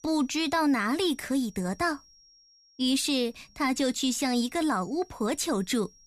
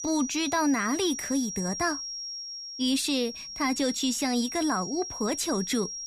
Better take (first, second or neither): first